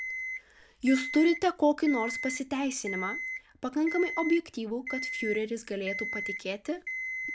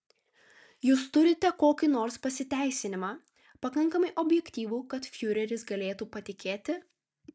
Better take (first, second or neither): second